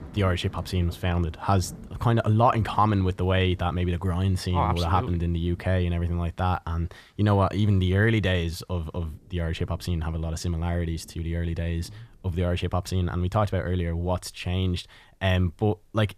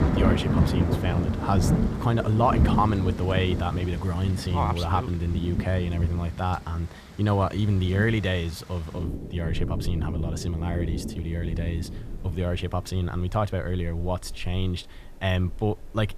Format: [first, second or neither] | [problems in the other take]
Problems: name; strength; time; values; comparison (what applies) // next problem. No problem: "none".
first | rain or running water; loud; throughout; 2 dB below the speech; faint in the first